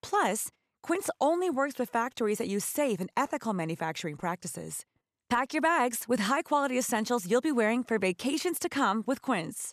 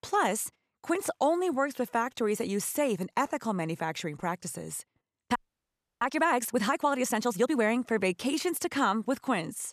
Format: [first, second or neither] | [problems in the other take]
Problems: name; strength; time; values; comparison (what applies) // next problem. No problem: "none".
first | audio freezing; at 5.5 s for 0.5 s